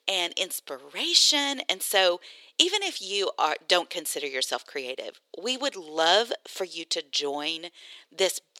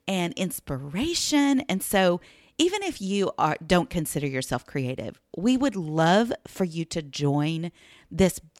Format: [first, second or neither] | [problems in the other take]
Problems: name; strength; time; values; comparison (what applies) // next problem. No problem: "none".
second | thin; very; fading below 400 Hz